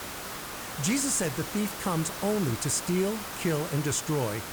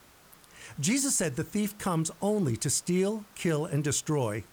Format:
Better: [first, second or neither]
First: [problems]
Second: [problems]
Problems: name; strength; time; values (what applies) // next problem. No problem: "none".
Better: second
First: hiss; loud; throughout; 7 dB below the speech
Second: hiss; faint; throughout; 25 dB below the speech